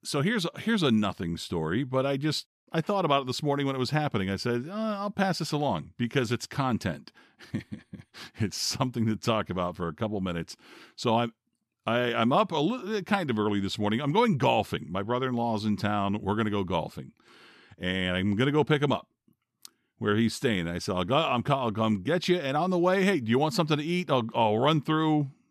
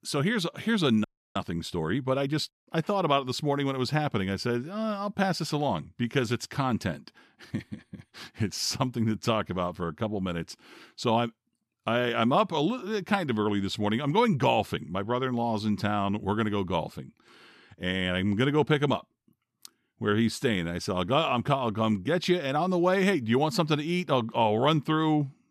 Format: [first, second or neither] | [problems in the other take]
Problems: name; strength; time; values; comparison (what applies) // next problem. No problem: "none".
first | audio freezing; at 1 s